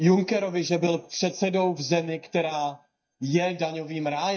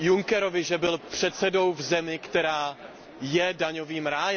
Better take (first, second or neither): second